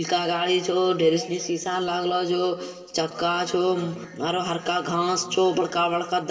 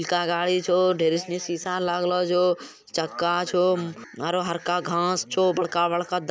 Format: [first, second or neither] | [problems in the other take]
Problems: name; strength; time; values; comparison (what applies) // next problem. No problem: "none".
second | room echo; dies away in 2.3 s